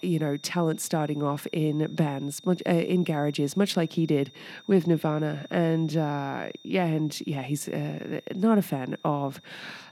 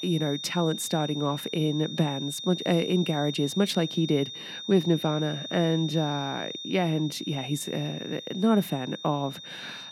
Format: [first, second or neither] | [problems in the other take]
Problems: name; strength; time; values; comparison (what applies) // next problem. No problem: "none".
first | high-pitched whine; loud; throughout; 3.5 kHz, 9 dB below the speech; faint in the first